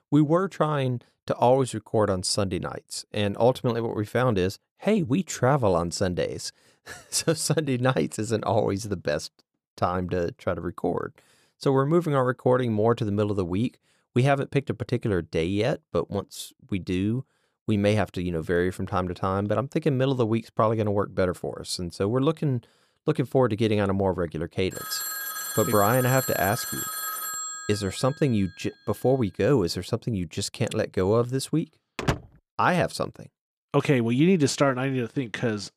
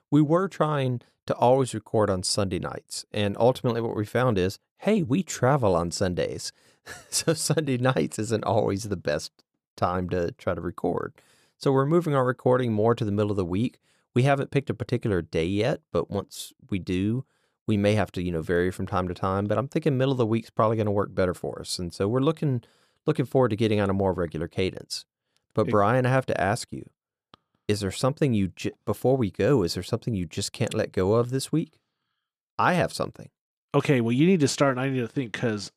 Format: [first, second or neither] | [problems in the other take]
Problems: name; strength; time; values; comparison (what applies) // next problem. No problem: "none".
second | phone ringing; noticeable; from 25 to 28 s; peak 3 dB below the speech // door banging; noticeable; at 32 s; peak 3 dB below the speech